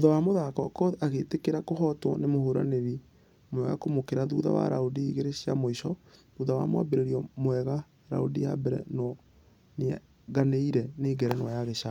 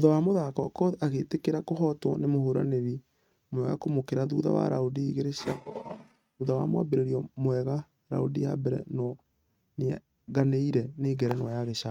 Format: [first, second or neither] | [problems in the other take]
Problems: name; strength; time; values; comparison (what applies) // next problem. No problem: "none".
first | noise reduction (neural mask model RNNoise)